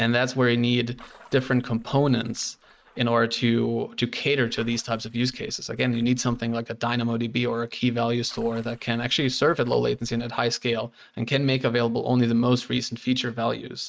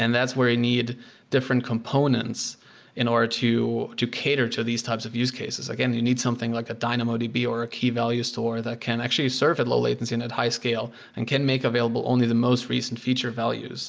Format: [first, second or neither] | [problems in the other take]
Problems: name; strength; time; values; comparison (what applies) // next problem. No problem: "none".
second | noise reduction (neural mask model RNNoise)